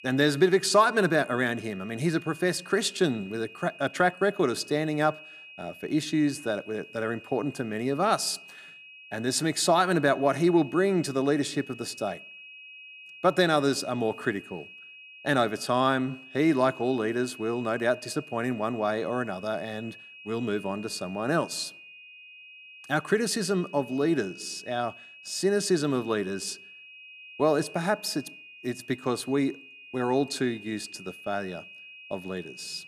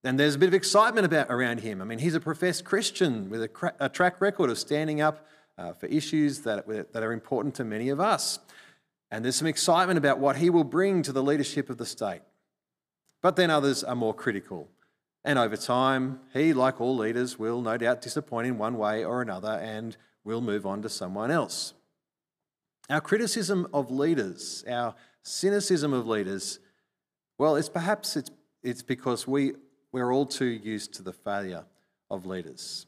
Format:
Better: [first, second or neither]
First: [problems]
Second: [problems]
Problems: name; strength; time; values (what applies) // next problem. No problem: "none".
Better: second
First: high-pitched whine; noticeable; throughout; 2.5 kHz, 20 dB below the speech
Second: none